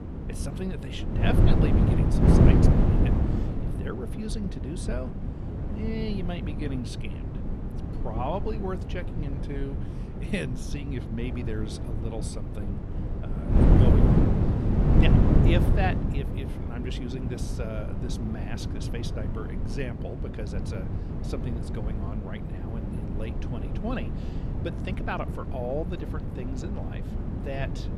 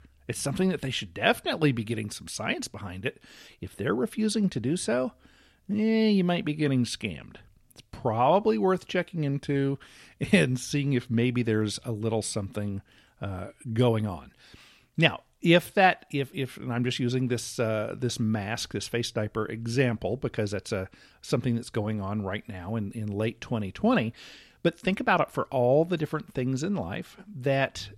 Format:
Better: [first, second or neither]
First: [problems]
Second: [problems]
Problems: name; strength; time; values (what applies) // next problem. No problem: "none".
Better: second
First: wind noise on the microphone; heavy; 1 dB above the speech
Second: none